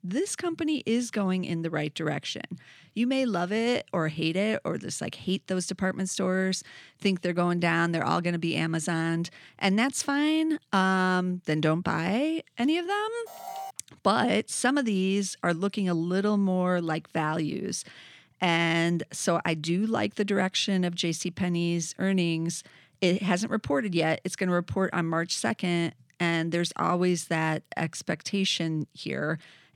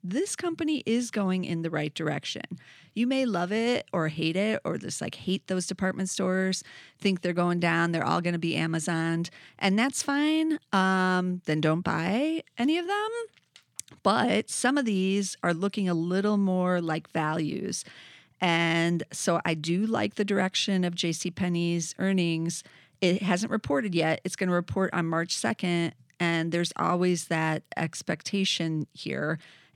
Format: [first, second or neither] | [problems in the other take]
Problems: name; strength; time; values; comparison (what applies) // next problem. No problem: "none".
second | alarm; faint; at 13 s; peak 10 dB below the speech